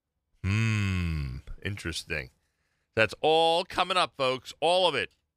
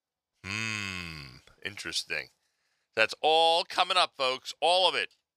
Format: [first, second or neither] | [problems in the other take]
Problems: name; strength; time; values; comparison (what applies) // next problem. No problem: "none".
first | thin; somewhat; fading below 650 Hz